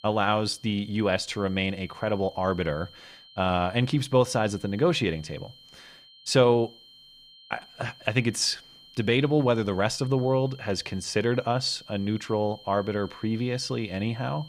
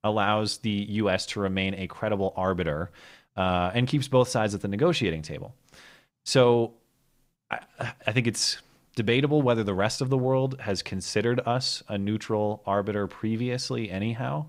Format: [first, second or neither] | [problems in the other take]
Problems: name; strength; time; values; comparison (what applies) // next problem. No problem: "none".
second | high-pitched whine; faint; throughout; 3 kHz, 20 dB below the speech